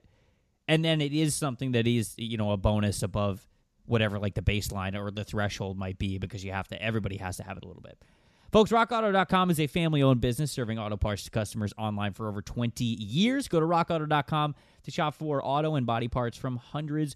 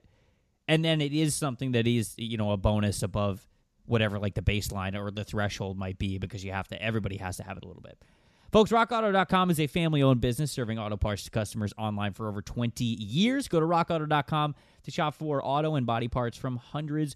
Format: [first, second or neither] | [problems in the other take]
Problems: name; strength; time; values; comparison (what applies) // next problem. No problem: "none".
neither | none